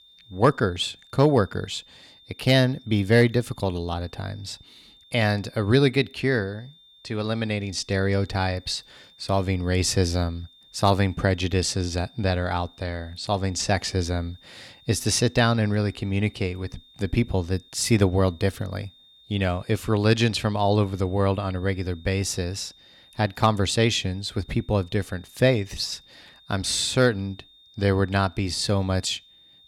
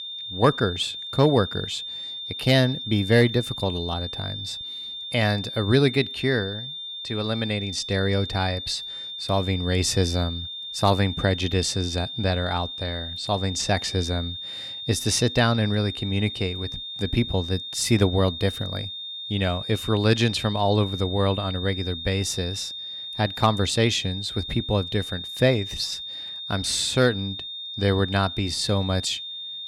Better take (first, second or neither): first